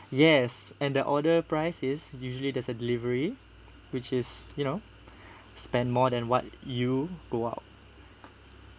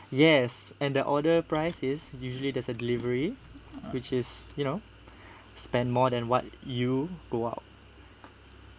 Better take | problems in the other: first | background sound (Chewing, mastication); 19 dB below the speech

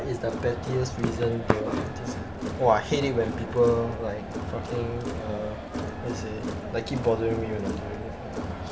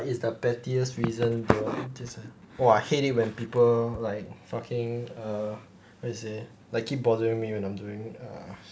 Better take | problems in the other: second | background sound (Crowd); 5 dB below the speech

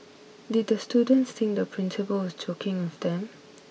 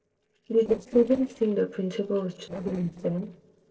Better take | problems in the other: first | noise reduction (neural separator model SepFormer DNS4)

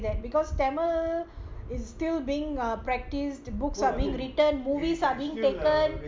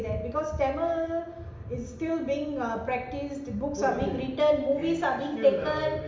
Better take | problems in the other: first | room echo; dies away in 0.8 s

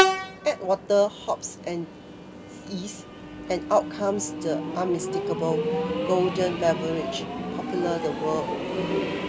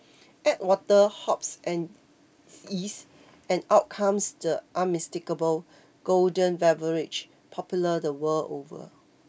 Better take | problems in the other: second | background sound (Train); 1 dB below the speech

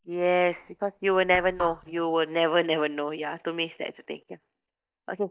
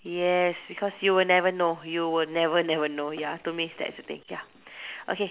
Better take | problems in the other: second | noise reduction (neural mask model DeepFilterNet 3)

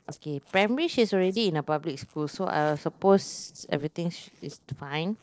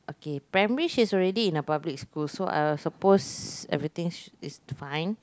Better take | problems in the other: second | noise reduction (neural separator model SepFormer DNS4)

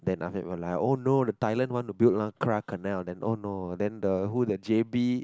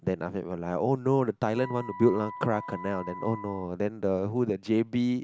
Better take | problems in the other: first | background sound (Wind instrument, woodwind instrument); 14 dB below the speech

